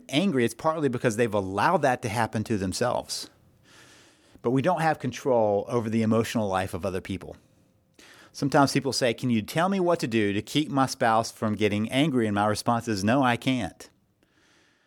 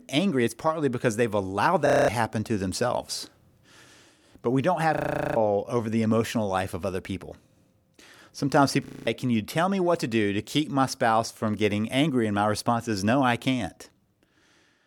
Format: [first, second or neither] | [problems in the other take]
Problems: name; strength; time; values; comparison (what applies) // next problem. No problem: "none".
first | audio freezing; at 2 s, at 5 s and at 9 s